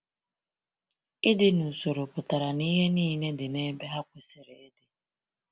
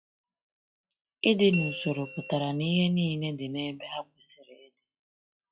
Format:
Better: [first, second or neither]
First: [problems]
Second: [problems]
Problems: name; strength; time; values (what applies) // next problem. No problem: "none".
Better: first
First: none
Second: noise reduction (classical method log-MMSE)